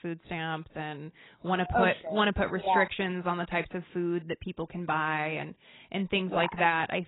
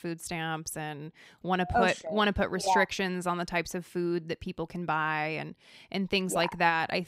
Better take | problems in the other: second | garbled, watery; badly; nothing above 4 kHz

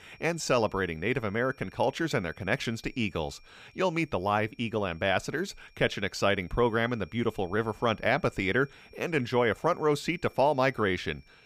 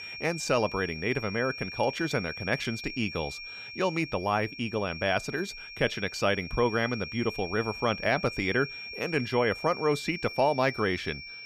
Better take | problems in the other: first | high-pitched whine; loud; throughout; 2.5 kHz, 9 dB below the speech; faint in the first

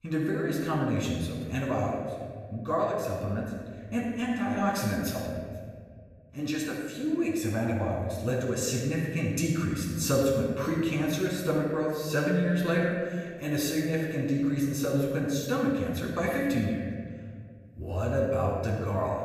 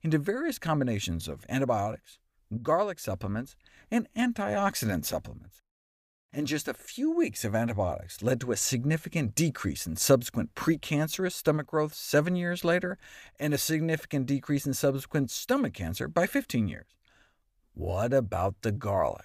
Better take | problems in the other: second | room echo; noticeable; dies away in 1.8 s // off-mic speech; far

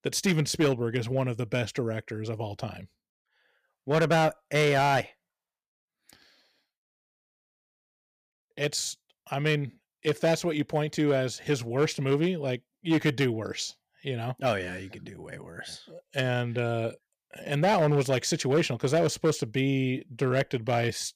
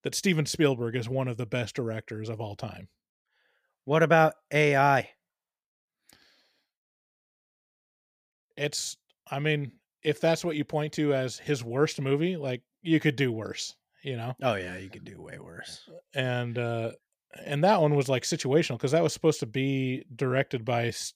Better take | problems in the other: second | distortion; slight; 4% of the sound clipped

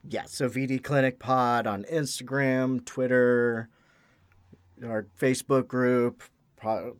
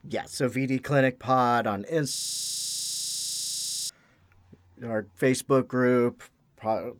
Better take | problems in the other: first | audio freezing; at 2 s for 1.5 s

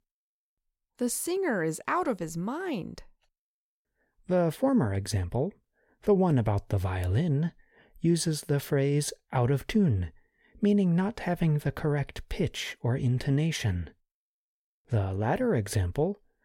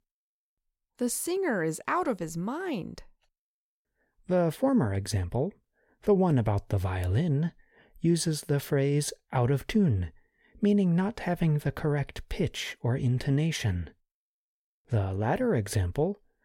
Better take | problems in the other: neither | none

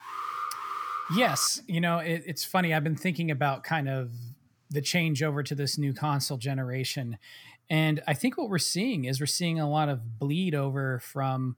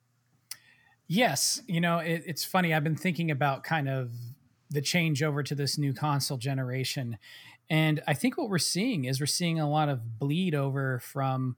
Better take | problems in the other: second | alarm; noticeable; until 1.5 s; peak 5 dB below the speech

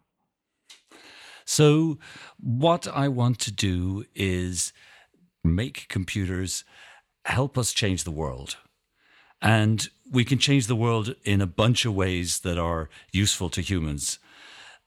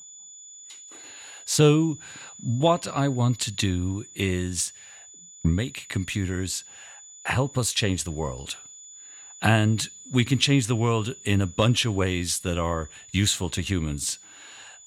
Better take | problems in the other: first | high-pitched whine; noticeable; throughout; 7 kHz, 20 dB below the speech

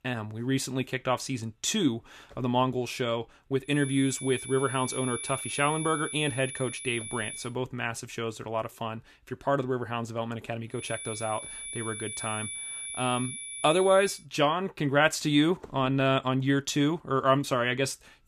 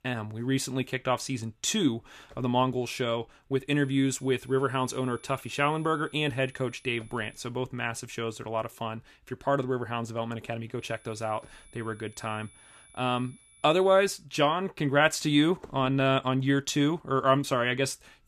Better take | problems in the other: second | high-pitched whine; loud; from 3.5 to 7.5 s and from 11 to 14 s; 10.5 kHz, 8 dB below the speech; faint in the second

